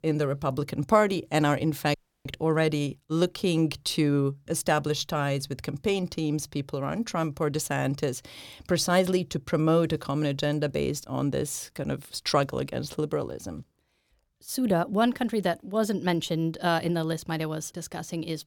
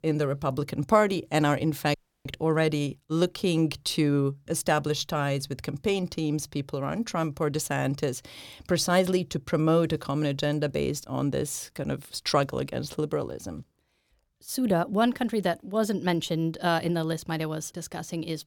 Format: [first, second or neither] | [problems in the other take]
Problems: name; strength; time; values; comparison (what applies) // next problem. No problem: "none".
neither | audio freezing; at 2 s; the same in both